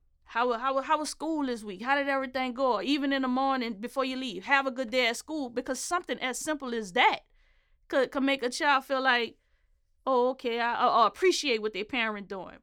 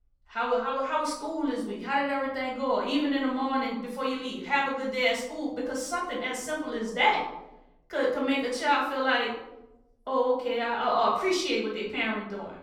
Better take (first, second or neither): first